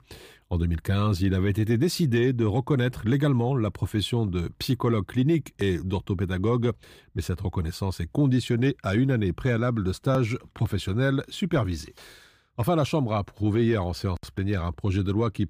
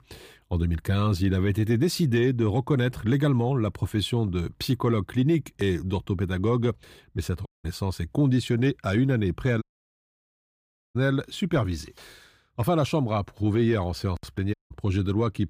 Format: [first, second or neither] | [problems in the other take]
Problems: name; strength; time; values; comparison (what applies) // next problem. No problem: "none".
first | audio cutting out; at 7.5 s, at 9.5 s for 1.5 s and at 15 s